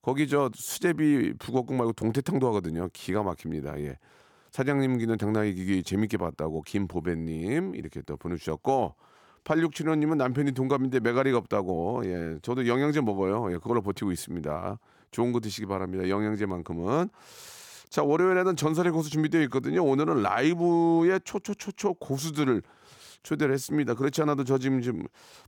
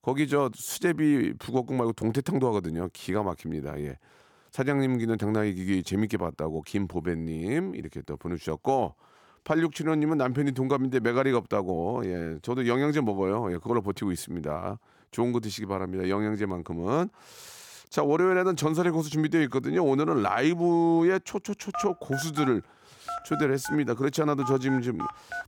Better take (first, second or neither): first